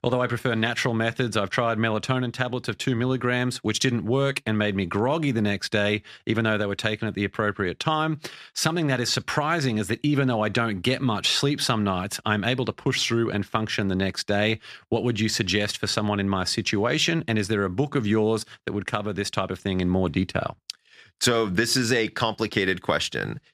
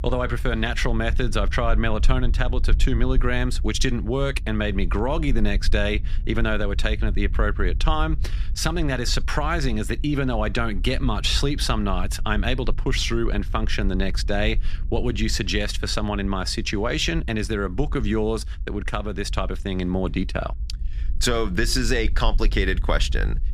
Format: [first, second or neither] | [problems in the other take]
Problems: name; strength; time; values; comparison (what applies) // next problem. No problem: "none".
first | low rumble; faint; throughout; 25 dB below the speech